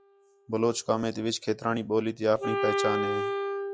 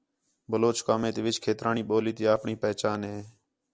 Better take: second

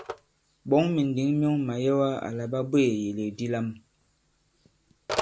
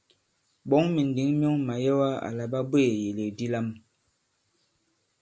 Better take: second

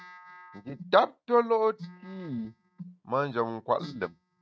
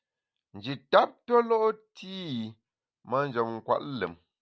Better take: second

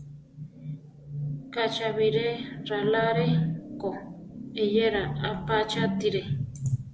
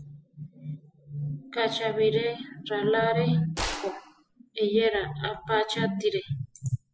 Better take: first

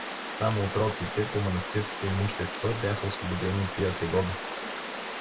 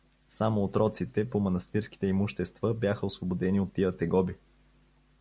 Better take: second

